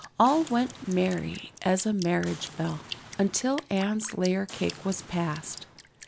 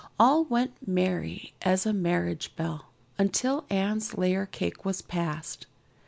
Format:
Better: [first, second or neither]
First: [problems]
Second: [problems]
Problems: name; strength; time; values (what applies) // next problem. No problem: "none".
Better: second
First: background sound (Boom + Drip); 16 dB below the speech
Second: none